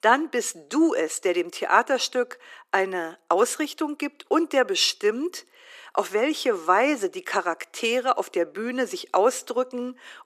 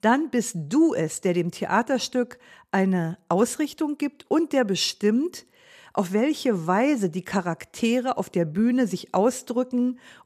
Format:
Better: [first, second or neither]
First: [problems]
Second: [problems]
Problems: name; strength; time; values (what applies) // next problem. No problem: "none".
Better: second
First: thin; somewhat; fading below 300 Hz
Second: none